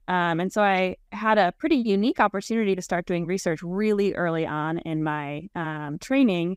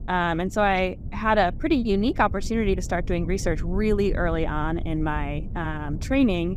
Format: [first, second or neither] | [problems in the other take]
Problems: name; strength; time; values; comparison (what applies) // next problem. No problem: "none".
first | low rumble; faint; throughout; 20 dB below the speech